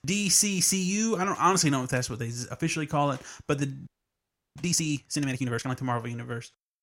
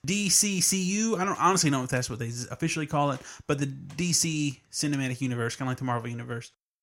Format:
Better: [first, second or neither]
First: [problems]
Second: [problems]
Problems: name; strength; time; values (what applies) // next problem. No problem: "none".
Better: second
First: audio freezing; at 4 s for 0.5 s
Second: none